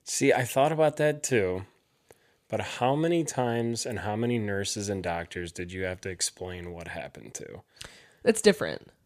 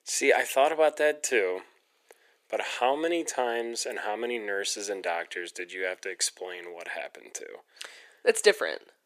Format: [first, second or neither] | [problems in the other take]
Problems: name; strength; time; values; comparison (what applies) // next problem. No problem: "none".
first | thin; very; fading below 350 Hz